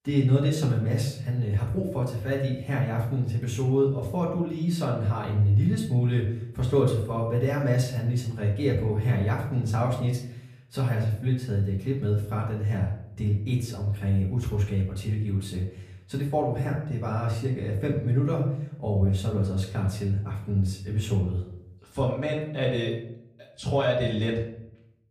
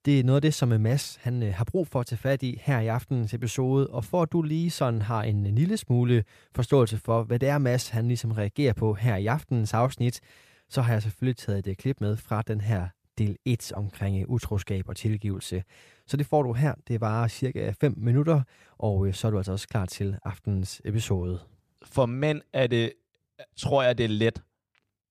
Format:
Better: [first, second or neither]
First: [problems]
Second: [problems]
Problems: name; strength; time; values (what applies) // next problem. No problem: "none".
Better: second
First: off-mic speech; far // room echo; slight; dies away in 0.6 s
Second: none